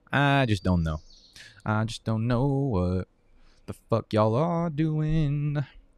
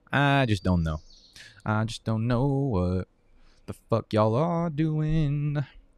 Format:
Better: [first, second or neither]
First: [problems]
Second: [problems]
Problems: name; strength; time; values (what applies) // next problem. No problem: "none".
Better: neither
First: animal sounds; faint; throughout; 30 dB below the speech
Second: animal sounds; faint; throughout; 30 dB below the speech